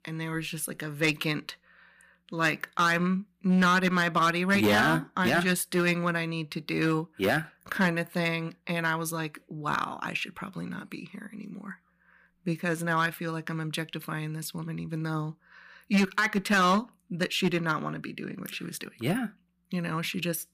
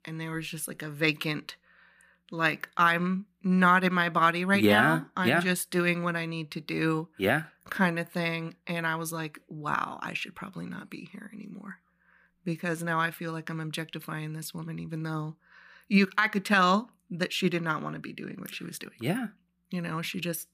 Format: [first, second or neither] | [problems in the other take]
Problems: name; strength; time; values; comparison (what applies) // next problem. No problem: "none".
second | distortion; slight; 3% of the sound clipped